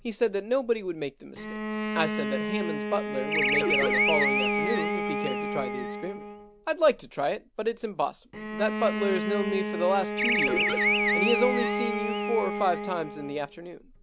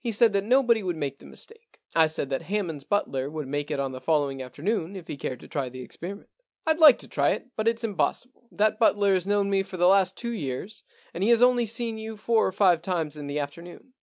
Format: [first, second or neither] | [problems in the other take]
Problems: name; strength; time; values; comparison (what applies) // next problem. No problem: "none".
second | background sound (Bowed string instrument + Animal); 1 dB above the speech